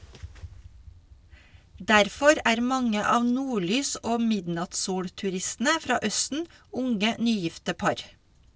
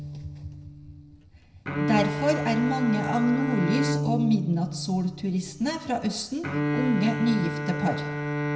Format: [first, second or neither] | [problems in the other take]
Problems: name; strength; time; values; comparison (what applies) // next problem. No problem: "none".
first | background sound (Bowed string instrument); 3 dB below the speech // room echo; dies away in 0.7 s